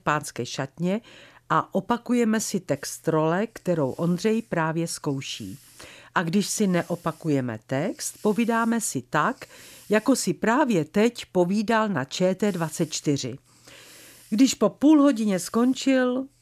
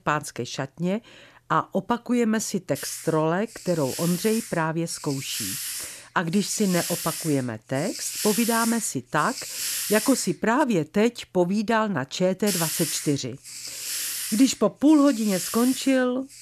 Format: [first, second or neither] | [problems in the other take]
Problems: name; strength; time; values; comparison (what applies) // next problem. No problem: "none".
first | hiss; loud; from 3 to 11 s and from 12 s on; 6 dB below the speech; faint in the first